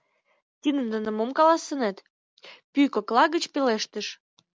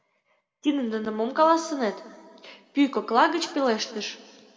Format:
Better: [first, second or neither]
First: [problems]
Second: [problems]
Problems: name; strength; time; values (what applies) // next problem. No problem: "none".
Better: first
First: none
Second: room echo; dies away in 1.5 s